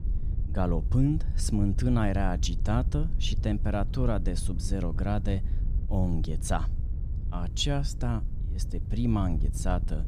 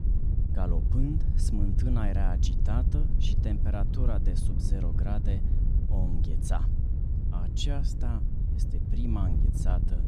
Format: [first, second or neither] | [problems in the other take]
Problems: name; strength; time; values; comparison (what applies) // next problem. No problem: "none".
first | wind noise on the microphone; heavy; 4 dB below the speech; occasional gusts in the first